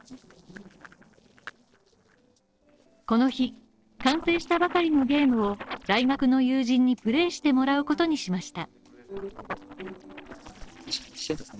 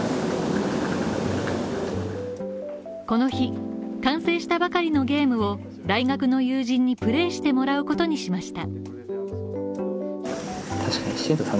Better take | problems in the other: second | noise reduction (neural separator model SepFormer DNS4)

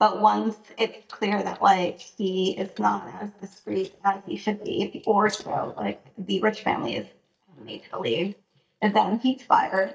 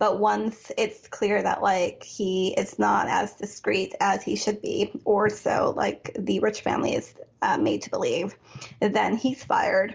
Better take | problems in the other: second | noise reduction (neural mask model DeepFilterNet 3)

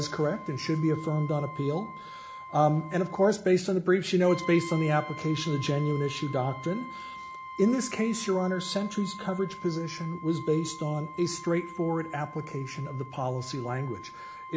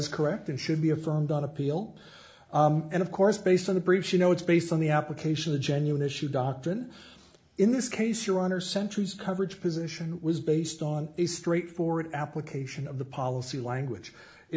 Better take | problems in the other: second | background sound (Brass instrument); 14 dB below the speech

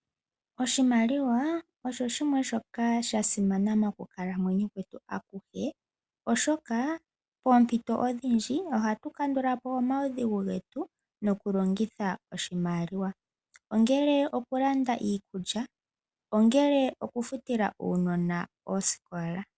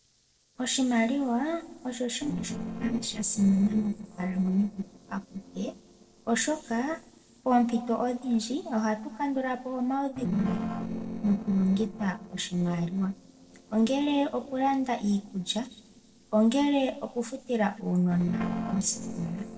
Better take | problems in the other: first | noise reduction (neural separator model SepFormer DNS4)

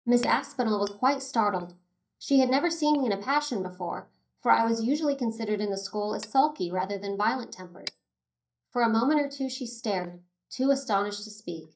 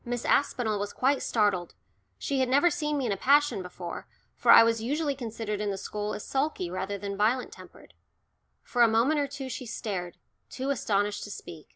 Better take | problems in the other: second | noise reduction (neural mask model DeepFilterNet 3)

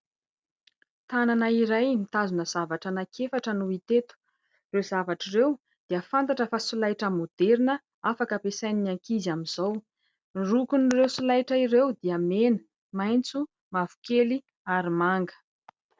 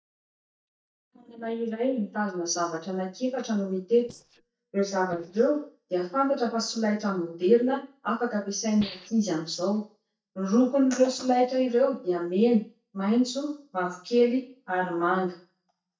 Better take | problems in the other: first | noise reduction (neural mask model DeepFilterNet 3)

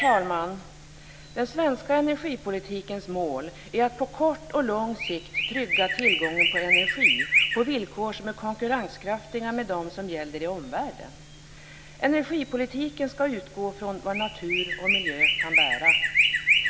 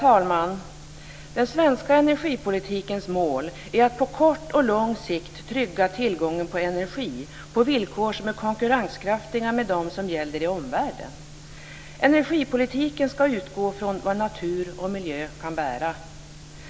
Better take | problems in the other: second | background sound (Chirp, tweet); as loud as the speech

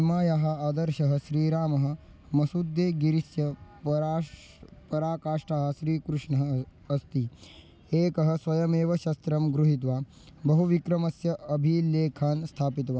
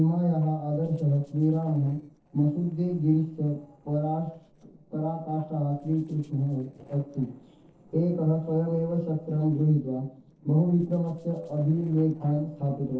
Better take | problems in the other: first | noise reduction (neural separator model SepFormer DNS4)

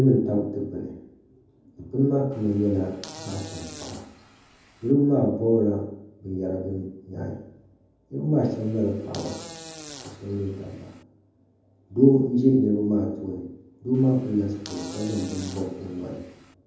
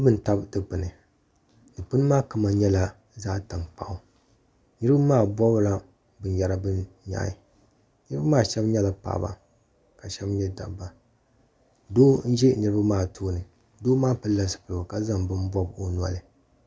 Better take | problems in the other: second | background sound (Fart); 18 dB below the speech // room echo; dies away in 0.9 s

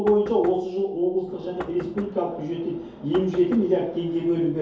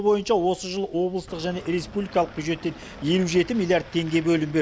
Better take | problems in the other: second | background sound (Knock); 17 dB below the speech // room echo; dies away in 2.4 s

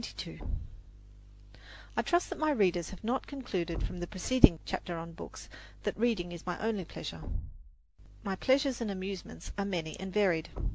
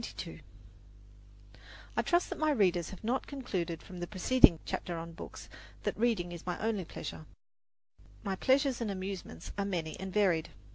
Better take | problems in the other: second | background sound (Thump, thud); 10 dB below the speech

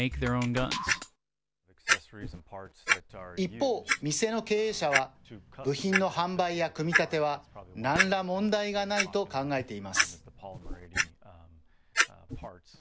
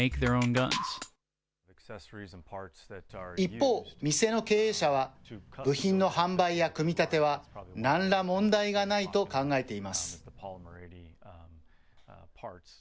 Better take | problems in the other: second | background sound (Clock); 3 dB below the speech

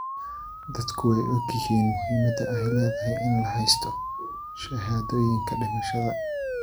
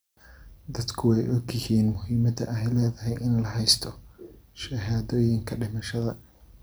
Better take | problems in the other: second | background sound (Siren); 5 dB below the speech

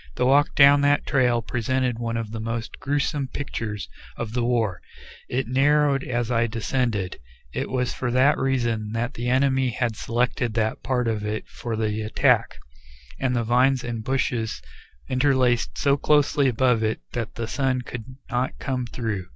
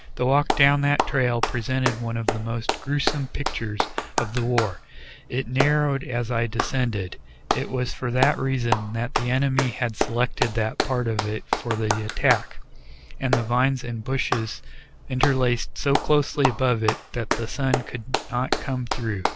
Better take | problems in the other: first | background sound (Clapping); 5 dB below the speech

